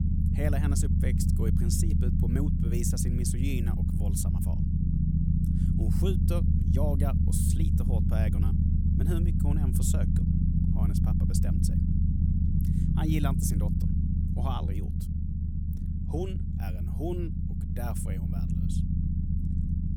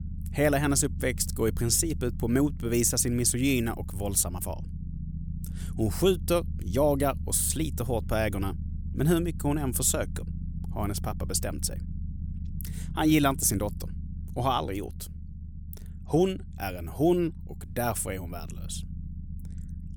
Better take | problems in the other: second | low rumble; loud; throughout; as loud as the speech; faint in the second

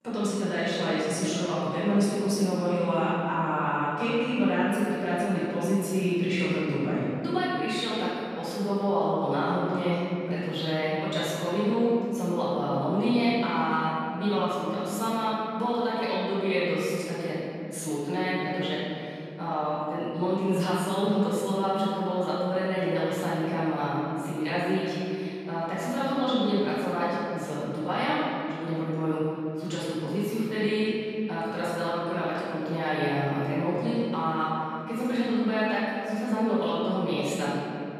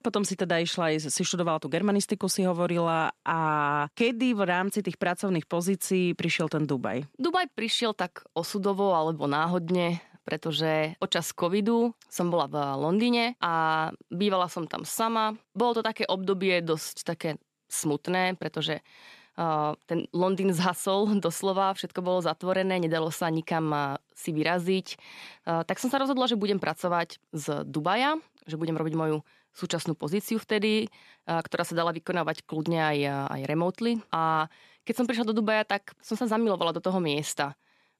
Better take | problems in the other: second | off-mic speech; far // room echo; strong; dies away in 2.7 s

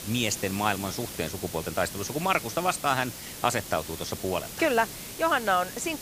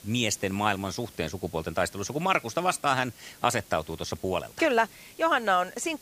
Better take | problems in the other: second | hiss; loud; throughout; 9 dB below the speech; faint in the second

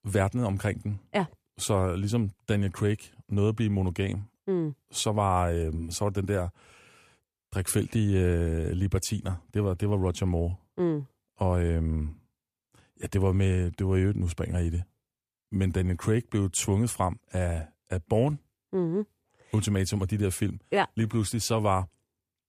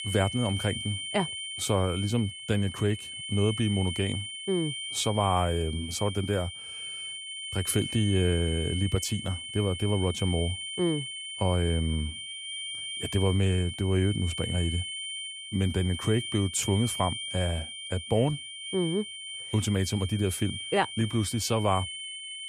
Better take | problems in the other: first | high-pitched whine; loud; throughout; 3 kHz, 6 dB below the speech

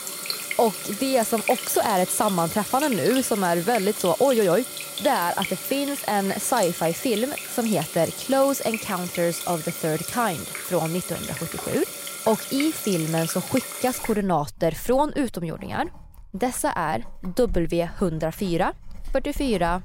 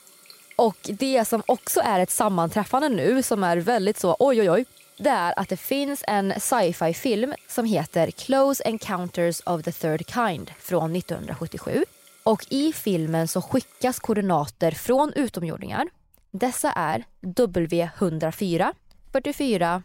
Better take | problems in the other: second | household noises; loud; throughout; 7 dB below the speech; faint in the second

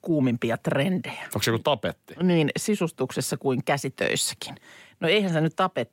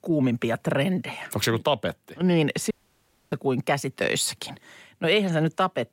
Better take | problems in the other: first | audio cutting out; at 2.5 s for 0.5 s

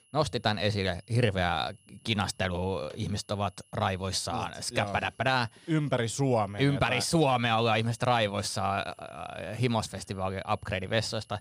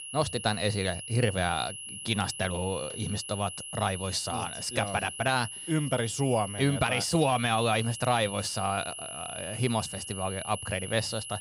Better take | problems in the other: first | high-pitched whine; loud; throughout; 10.5 kHz, 8 dB below the speech; faint in the first

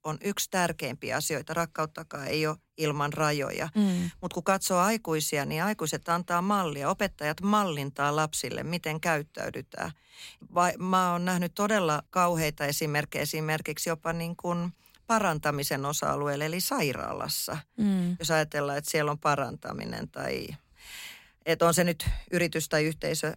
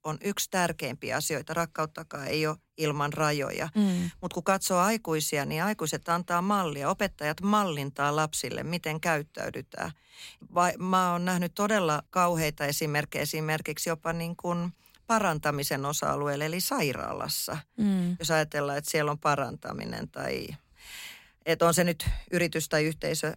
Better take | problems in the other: neither | none

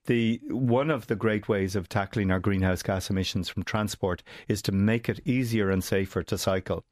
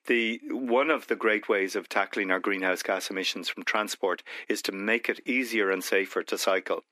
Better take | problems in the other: first | thin; somewhat; fading below 250 Hz

